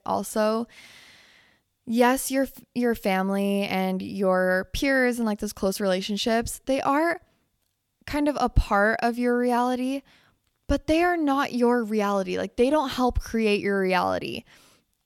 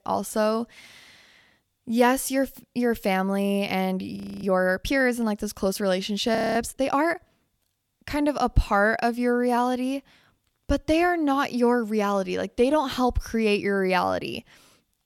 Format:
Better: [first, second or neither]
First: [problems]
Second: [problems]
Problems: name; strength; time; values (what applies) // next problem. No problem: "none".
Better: first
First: none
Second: audio freezing; at 4 s and at 6.5 s